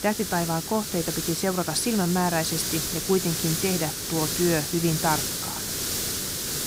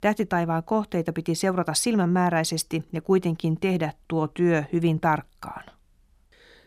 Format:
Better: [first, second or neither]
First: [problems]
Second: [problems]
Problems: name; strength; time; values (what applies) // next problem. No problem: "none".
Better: second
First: hiss; loud; throughout; 1 dB below the speech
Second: none